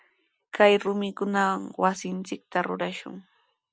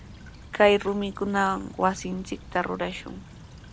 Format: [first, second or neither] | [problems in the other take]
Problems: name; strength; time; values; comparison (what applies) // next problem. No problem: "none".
first | background sound (Stream / Trickle, dribble); 17 dB below the speech